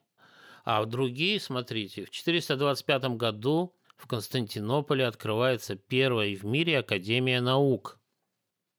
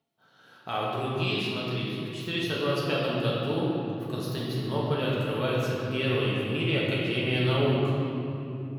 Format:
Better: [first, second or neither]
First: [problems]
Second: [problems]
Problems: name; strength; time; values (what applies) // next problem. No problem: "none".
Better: first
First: none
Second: room echo; strong; dies away in 3 s // off-mic speech; far